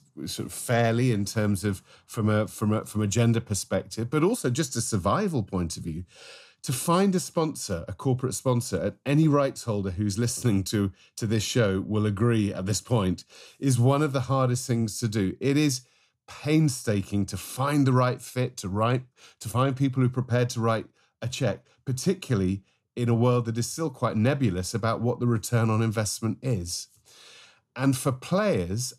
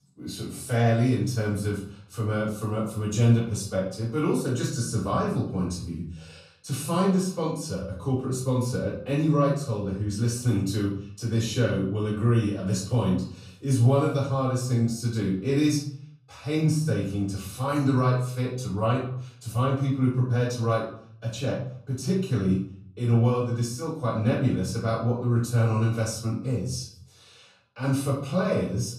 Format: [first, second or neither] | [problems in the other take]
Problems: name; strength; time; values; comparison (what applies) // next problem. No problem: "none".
first | off-mic speech; far // room echo; noticeable; dies away in 0.5 s